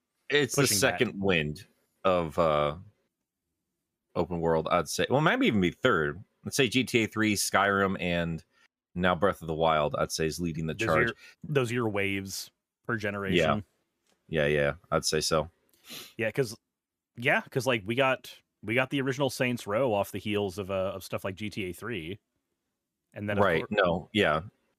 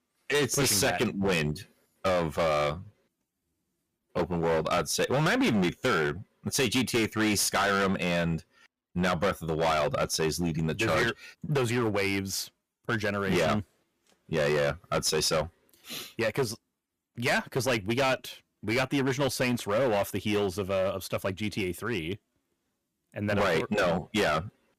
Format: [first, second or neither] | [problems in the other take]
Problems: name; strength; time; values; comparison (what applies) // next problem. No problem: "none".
first | distortion; heavy; 12% of the sound clipped